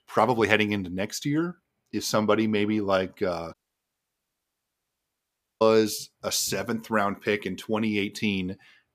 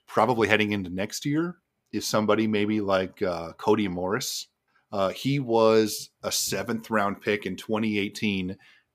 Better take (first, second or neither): second